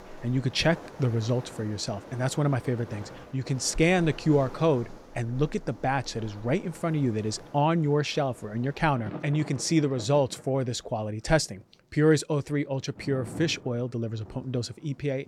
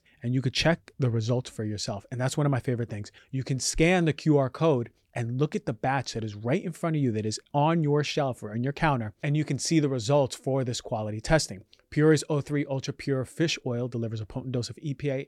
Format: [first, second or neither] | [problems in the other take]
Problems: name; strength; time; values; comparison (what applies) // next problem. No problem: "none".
second | rain or running water; noticeable; throughout; 20 dB below the speech